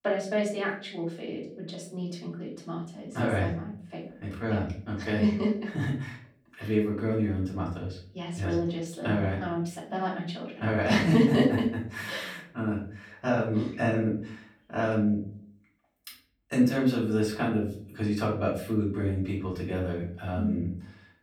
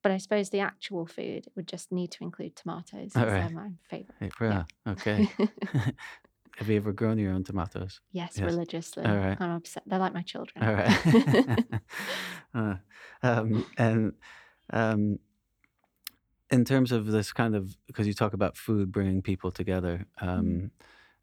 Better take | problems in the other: second | room echo; slight; dies away in 0.4 s // off-mic speech; far

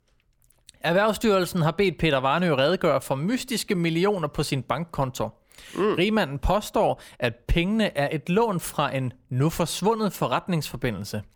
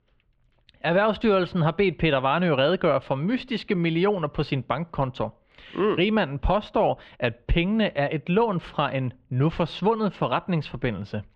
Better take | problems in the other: first | muffled; slightly; fading above 3 kHz

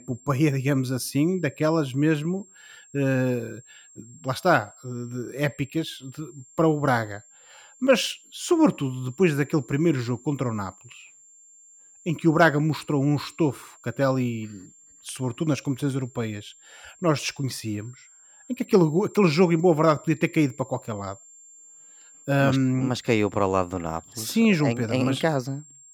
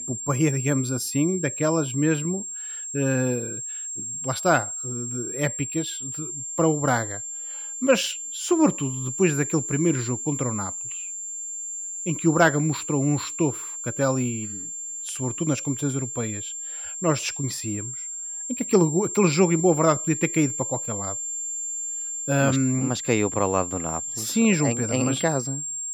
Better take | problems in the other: first | high-pitched whine; loud; throughout; 7.5 kHz, 5 dB below the speech; faint in the first

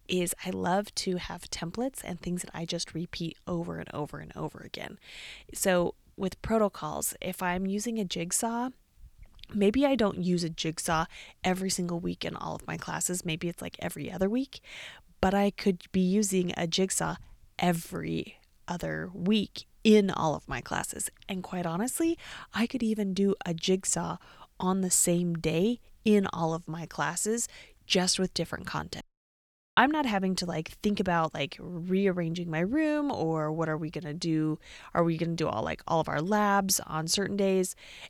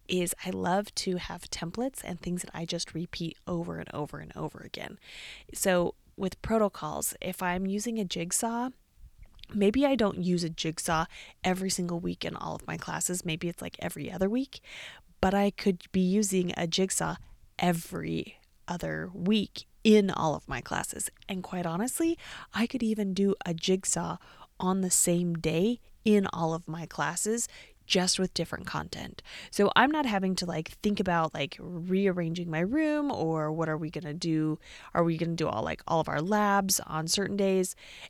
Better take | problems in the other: second | audio cutting out; at 29 s for 1 s

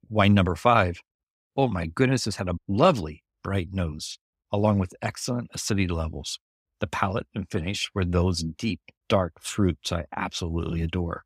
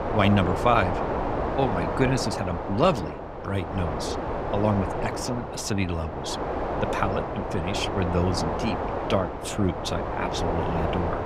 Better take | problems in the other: first | wind noise on the microphone; heavy; 1 dB below the speech

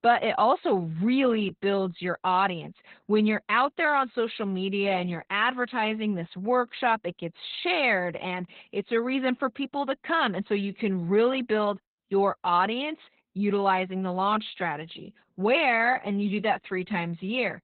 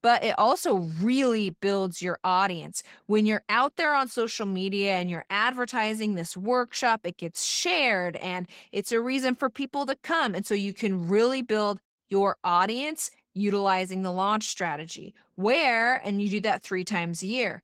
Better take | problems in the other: second | garbled, watery; badly; nothing above 4 kHz; slightly in the second

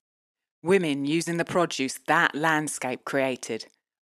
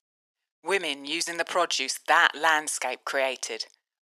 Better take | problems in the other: first | thin; very; fading below 700 Hz

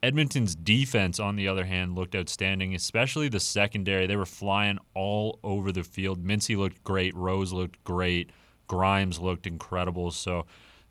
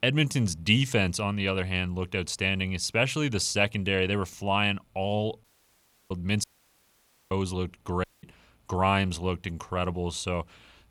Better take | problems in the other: first | audio cutting out; at 5.5 s for 0.5 s, at 6.5 s for 1 s and at 8 s

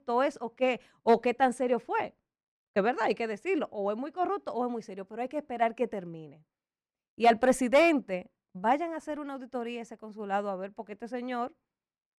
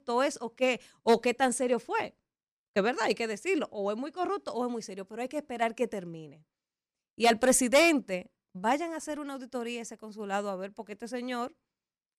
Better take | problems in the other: second | muffled; slightly; fading above 3.5 kHz

